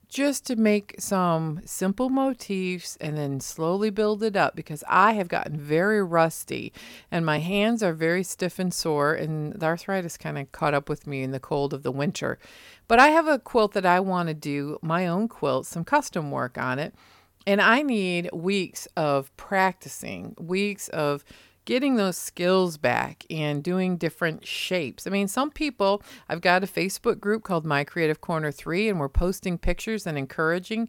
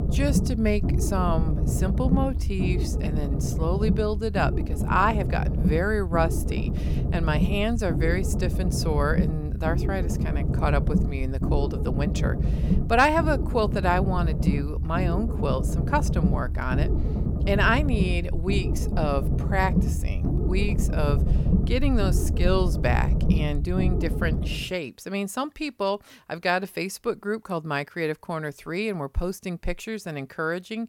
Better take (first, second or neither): first